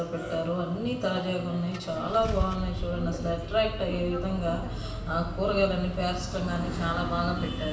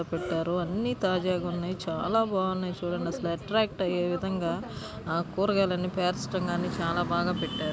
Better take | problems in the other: second | background sound (Engine starting / Car); 7 dB below the speech // room echo; dies away in 0.8 s

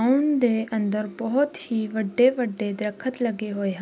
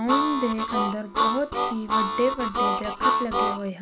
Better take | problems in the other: first | background sound (Harmonica); 3 dB above the speech

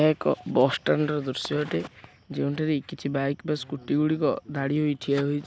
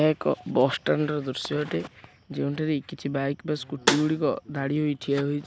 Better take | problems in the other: first | background sound (Snare drum); as loud as the speech

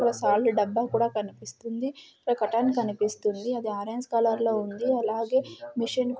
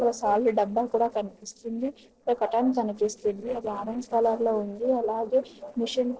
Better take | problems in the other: first | noise reduction (neural separator model SepFormer DNS4)

